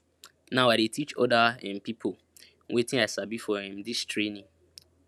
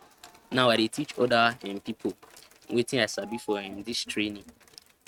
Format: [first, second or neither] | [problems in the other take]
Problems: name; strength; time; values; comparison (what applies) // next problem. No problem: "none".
first | noise reduction (neural mask model RNNoise)